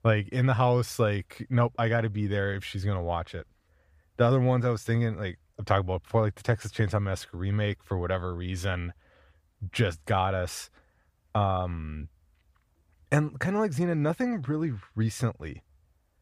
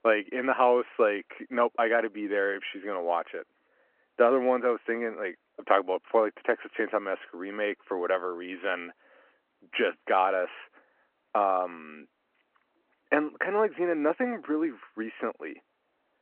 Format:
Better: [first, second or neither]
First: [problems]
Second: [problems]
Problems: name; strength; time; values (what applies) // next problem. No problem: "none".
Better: first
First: none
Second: phone-call audio